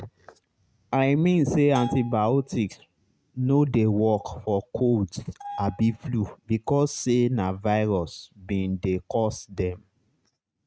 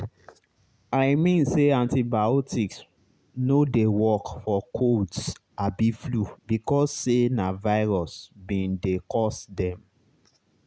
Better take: second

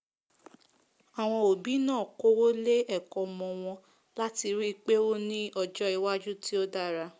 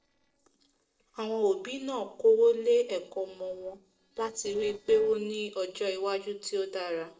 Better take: first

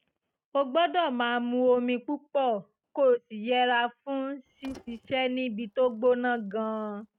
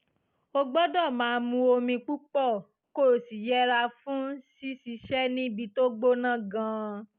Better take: second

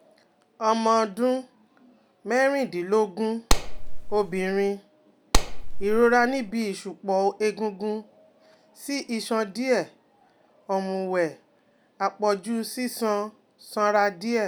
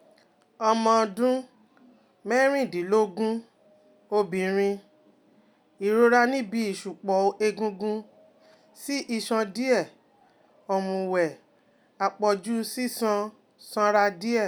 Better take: second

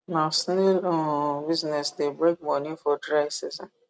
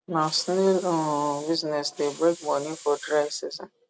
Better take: first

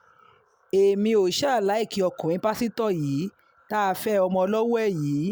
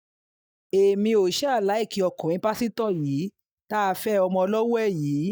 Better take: first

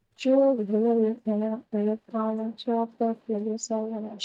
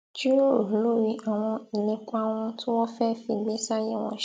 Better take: second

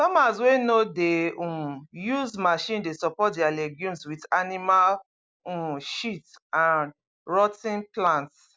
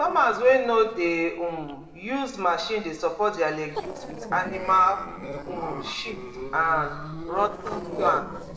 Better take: first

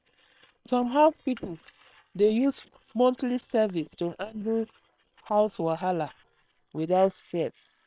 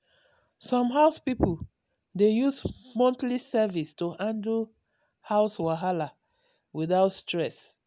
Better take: second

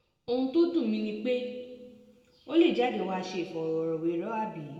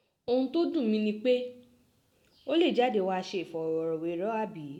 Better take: second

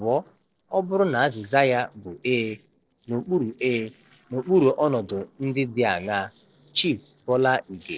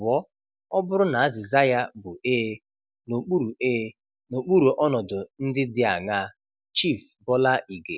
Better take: second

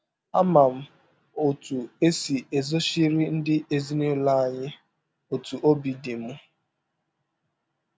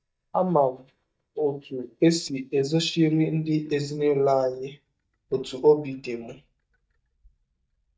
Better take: first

